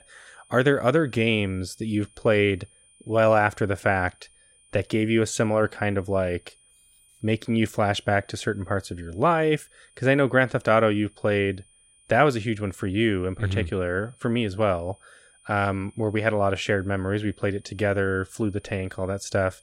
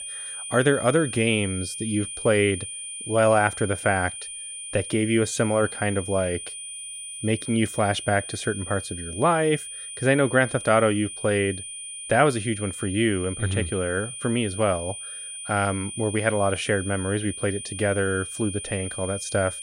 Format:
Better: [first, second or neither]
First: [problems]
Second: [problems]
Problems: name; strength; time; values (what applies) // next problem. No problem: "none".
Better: first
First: high-pitched whine; faint; throughout; 9.5 kHz, 30 dB below the speech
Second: high-pitched whine; loud; throughout; 9.5 kHz, 9 dB below the speech